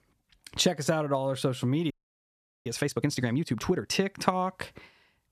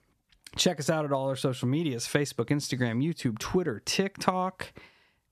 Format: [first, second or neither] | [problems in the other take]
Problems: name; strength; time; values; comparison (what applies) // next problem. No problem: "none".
second | audio freezing; at 2 s for 1 s